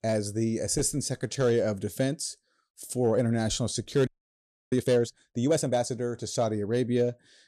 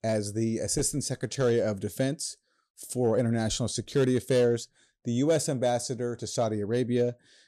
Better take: second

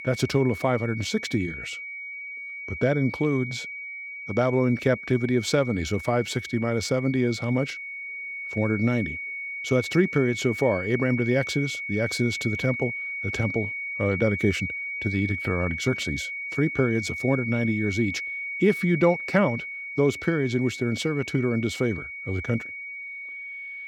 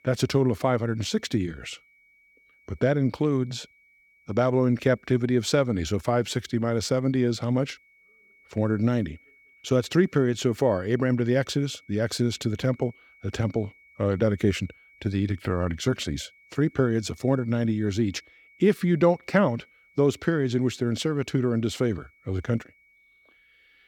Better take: second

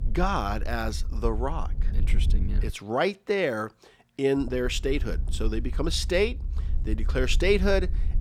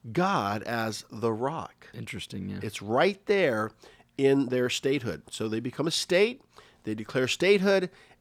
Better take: second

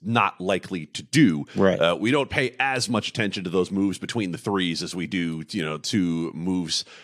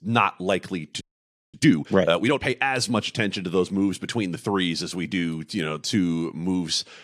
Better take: first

